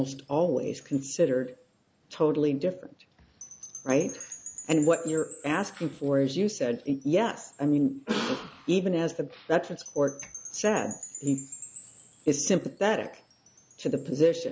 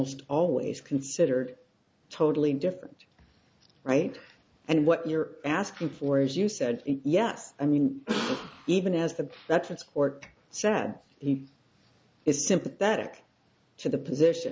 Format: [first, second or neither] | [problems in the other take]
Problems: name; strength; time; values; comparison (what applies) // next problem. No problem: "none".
second | background sound (Wind chime / Percussion); 18 dB below the speech